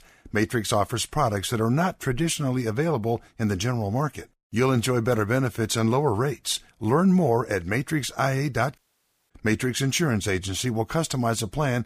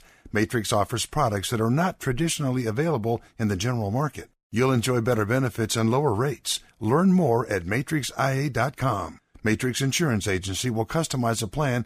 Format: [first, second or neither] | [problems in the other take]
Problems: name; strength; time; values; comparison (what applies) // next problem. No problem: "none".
second | audio cutting out; at 9 s for 0.5 s